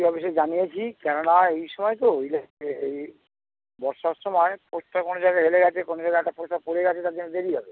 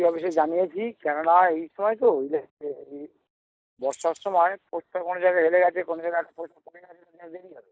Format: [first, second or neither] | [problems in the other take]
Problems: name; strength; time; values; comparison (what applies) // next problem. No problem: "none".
first | noise reduction (neural mask model DeepFilterNet 3)